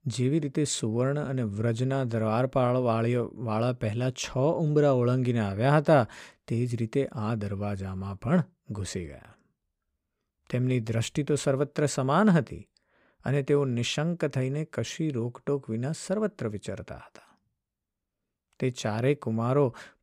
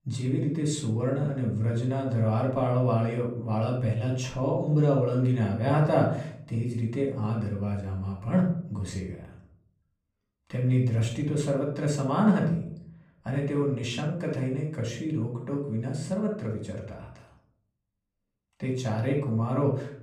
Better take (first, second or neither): first